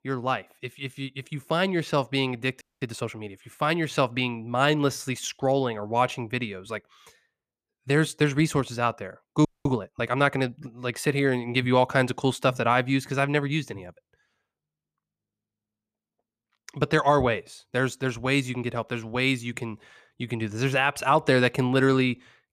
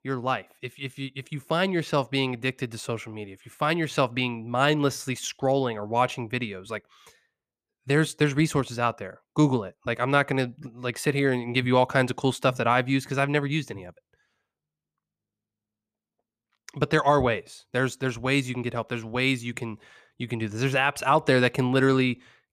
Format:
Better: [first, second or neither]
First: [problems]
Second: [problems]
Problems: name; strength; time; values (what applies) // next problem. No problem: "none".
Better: second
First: audio freezing; at 2.5 s and at 9.5 s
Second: none